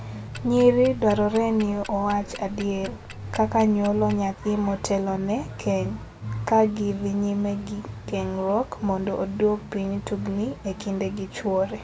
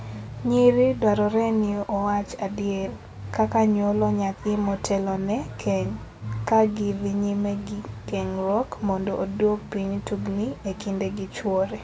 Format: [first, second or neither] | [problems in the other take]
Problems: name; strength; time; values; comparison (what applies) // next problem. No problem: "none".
second | background sound (Tick-tock); 18 dB below the speech